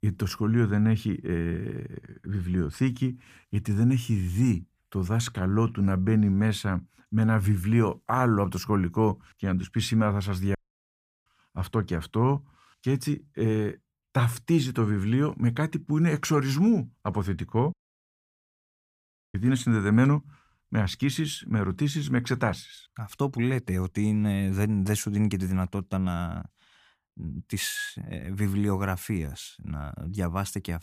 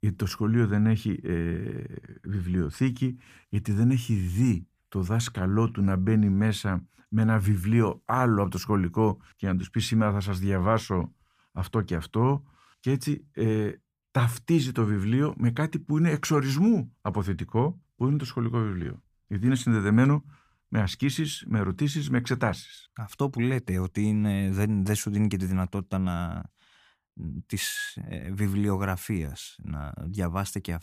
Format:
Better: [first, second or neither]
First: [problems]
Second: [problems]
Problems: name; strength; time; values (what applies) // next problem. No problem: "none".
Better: second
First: audio cutting out; at 11 s for 0.5 s and at 18 s for 1.5 s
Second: none